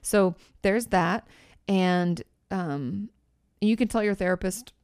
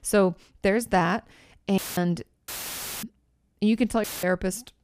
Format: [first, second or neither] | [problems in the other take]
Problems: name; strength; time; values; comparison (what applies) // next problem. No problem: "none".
first | audio cutting out; filled with static; at 2 s, at 2.5 s for 0.5 s and at 4 s